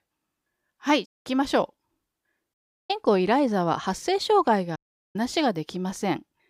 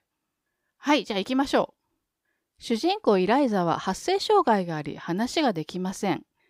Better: second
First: audio cutting out; at 1 s, at 2.5 s and at 5 s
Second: none

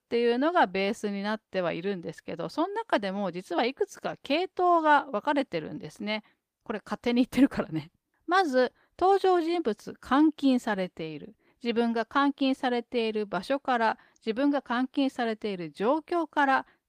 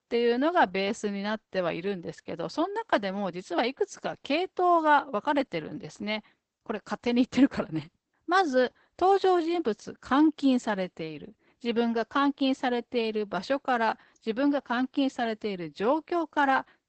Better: first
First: garbled, watery; slightly; nothing above 15 kHz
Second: garbled, watery; badly; nothing above 8 kHz

